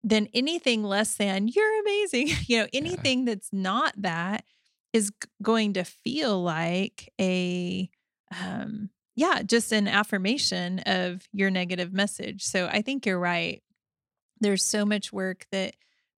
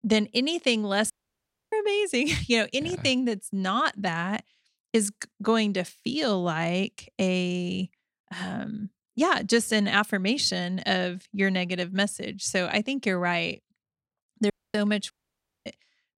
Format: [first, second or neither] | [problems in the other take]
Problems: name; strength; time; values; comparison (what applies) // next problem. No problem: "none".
first | audio cutting out; at 1 s for 0.5 s and at 15 s for 0.5 s